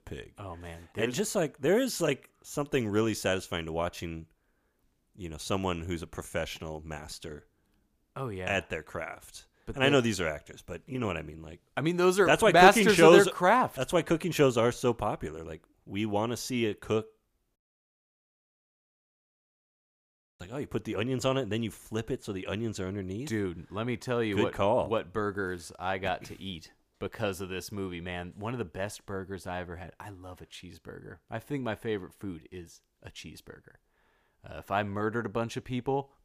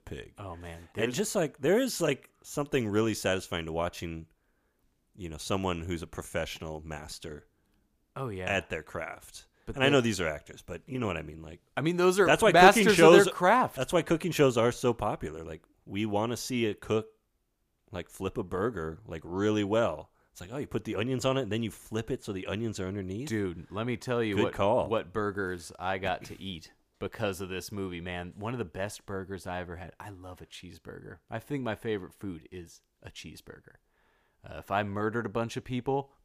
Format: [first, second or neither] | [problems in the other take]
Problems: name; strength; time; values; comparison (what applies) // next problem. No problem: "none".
second | audio cutting out; at 18 s for 3 s